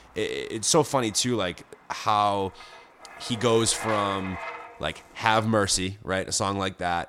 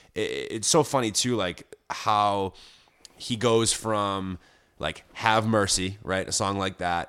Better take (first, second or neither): second